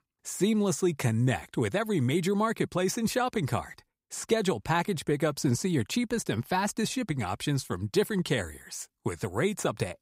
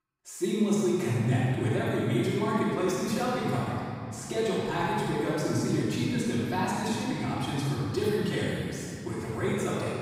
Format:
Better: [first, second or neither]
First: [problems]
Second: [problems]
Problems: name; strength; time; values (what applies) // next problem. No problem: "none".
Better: first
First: none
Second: room echo; strong; dies away in 2.6 s // off-mic speech; far